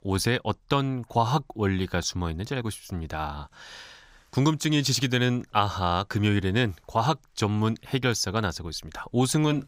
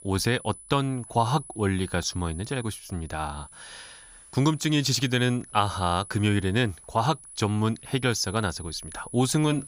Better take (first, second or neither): first